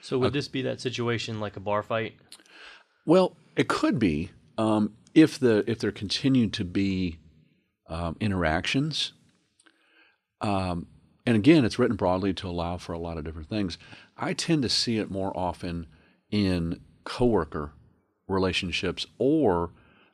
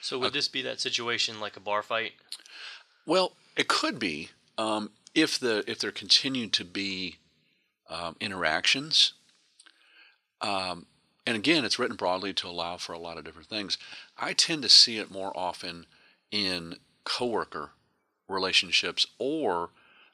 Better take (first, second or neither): first